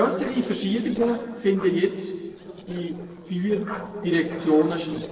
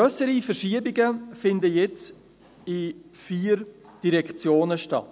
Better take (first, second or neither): second